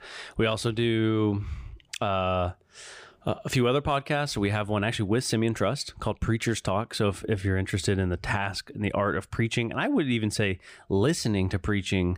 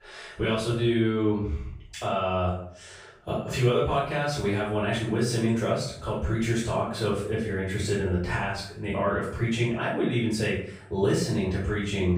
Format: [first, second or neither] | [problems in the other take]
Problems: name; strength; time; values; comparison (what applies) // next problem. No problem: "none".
first | off-mic speech; far // room echo; noticeable; dies away in 0.5 s